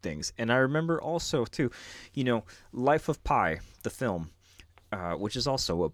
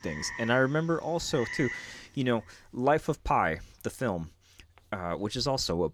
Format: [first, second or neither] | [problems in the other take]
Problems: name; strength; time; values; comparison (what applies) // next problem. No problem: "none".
first | animal sounds; loud; until 2 s; 9 dB below the speech